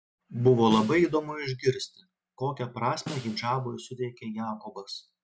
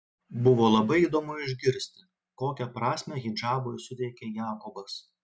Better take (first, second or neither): second